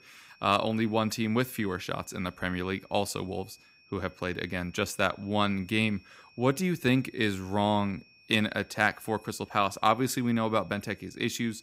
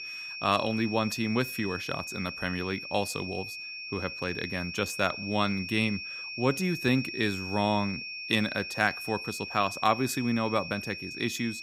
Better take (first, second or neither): first